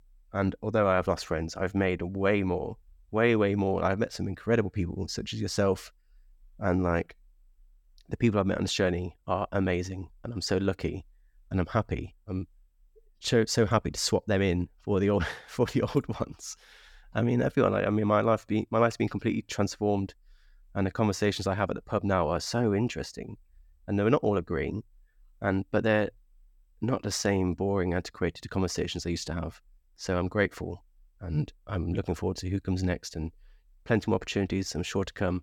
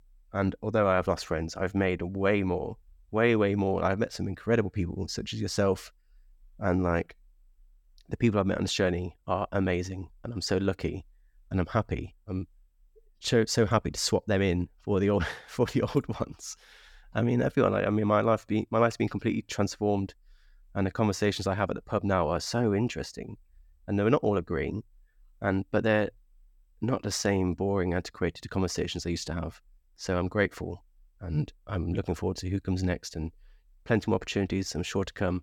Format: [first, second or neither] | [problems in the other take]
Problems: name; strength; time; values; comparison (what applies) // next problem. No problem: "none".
neither | none